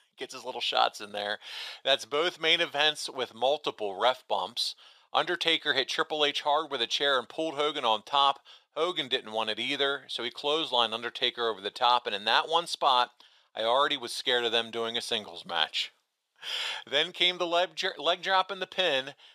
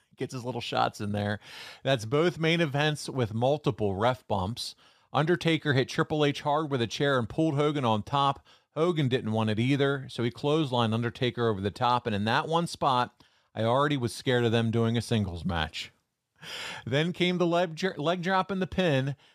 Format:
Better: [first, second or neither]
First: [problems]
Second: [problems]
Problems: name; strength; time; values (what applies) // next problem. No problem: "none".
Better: second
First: thin; very; fading below 600 Hz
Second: none